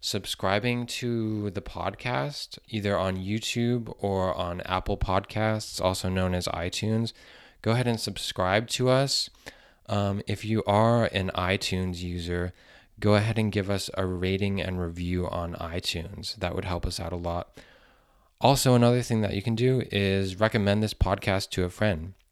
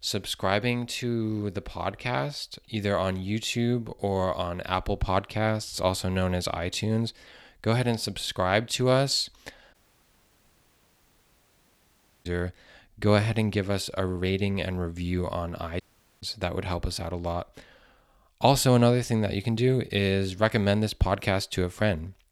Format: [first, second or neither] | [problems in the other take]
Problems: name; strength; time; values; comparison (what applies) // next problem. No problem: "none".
first | audio cutting out; at 9.5 s for 2.5 s and at 16 s